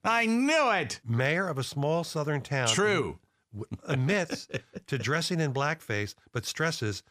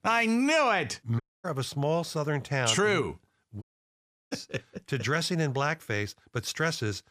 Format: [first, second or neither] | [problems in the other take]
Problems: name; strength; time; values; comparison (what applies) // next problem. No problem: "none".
first | audio cutting out; at 1 s and at 3.5 s for 0.5 s